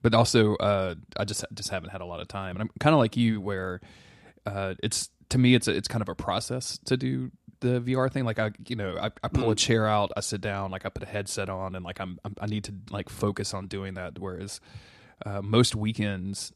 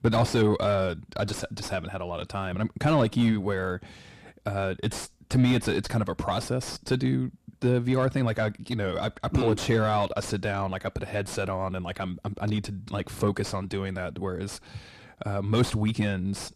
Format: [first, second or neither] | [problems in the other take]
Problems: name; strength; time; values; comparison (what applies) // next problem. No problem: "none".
first | distortion; heavy; 7 dB below the speech